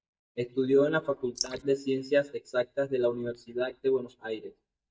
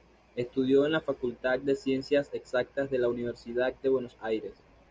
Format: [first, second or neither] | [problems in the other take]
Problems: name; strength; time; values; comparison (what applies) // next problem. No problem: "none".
second | noise reduction (neural mask model DeepFilterNet 3)